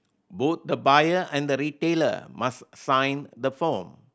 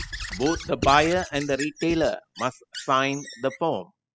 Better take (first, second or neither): first